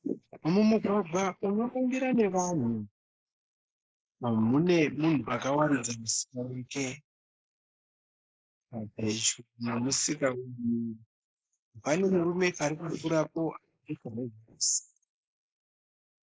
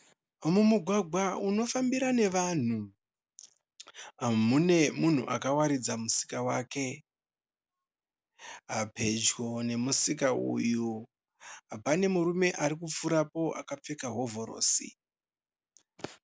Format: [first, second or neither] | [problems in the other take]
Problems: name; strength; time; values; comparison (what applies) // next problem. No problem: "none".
second | noise reduction (neural mask model Resemble Enhance denoiser)